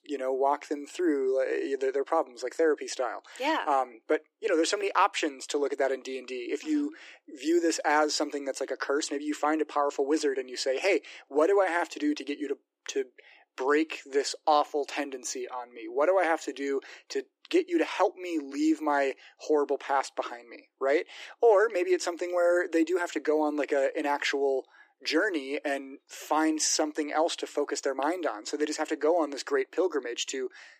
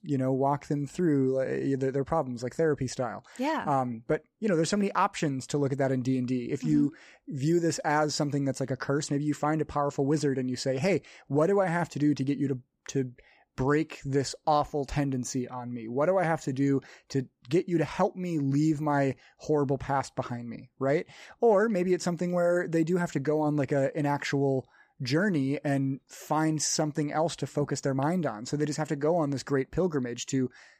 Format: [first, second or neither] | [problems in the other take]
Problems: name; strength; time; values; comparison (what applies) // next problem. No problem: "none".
second | thin; somewhat; fading below 300 Hz